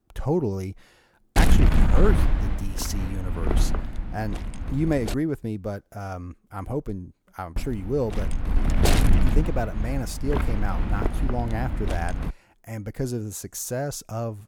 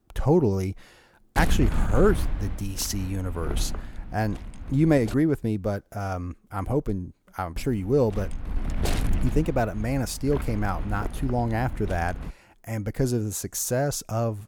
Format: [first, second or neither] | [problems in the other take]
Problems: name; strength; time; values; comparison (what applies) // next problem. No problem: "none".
second | wind noise on the microphone; heavy; from 1.5 to 5 s and from 7.5 to 12 s; 1 dB below the speech; occasional gusts in the second